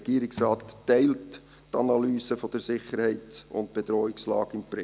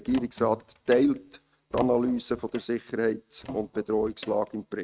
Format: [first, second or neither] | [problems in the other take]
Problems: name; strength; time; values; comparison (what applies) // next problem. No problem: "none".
first | noise reduction (neural mask model RNNoise)